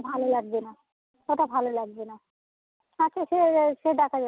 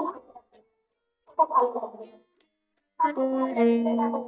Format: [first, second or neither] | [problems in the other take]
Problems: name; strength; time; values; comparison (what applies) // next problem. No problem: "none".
first | noise reduction (neural mask model DeepFilterNet 3)